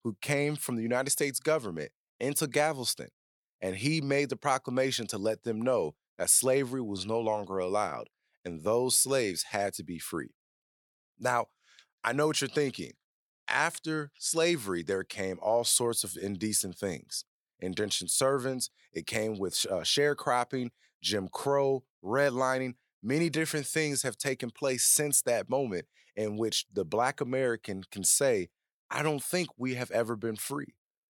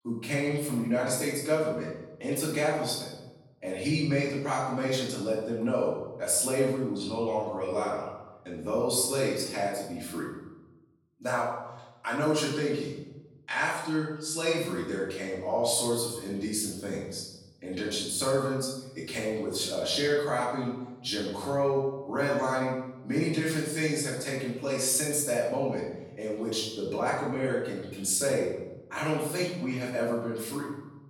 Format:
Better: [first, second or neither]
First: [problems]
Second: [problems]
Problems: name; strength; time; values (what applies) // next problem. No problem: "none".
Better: first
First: none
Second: off-mic speech; far // room echo; noticeable; dies away in 0.9 s